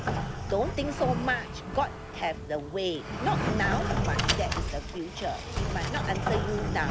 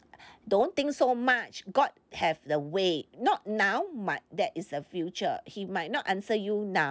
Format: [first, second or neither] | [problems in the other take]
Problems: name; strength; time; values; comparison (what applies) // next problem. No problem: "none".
second | background sound (Sliding door); 1 dB above the speech